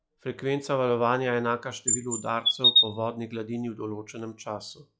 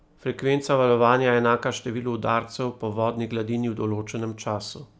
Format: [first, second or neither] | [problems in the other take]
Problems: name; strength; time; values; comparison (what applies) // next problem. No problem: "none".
second | noise reduction (classical method log-MMSE)